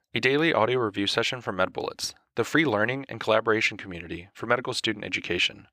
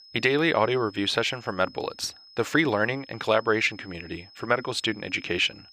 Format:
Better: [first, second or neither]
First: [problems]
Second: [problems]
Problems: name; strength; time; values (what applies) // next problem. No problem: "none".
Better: first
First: none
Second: high-pitched whine; faint; throughout; 5 kHz, 25 dB below the speech